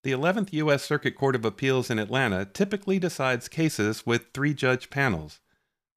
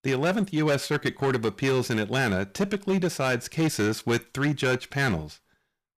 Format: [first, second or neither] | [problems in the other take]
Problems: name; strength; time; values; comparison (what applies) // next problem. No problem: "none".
first | distortion; slight; 10% of the sound clipped